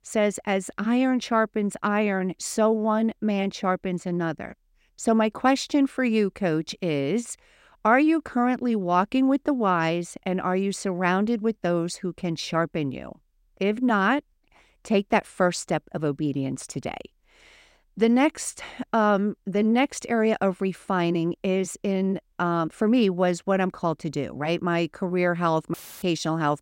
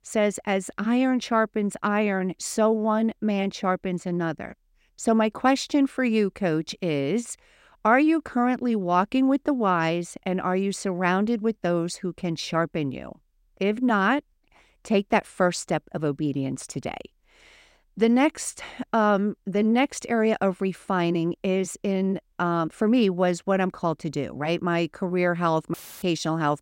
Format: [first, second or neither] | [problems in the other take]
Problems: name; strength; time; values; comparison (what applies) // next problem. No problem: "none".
neither | audio cutting out; filled with static; at 26 s; the same in both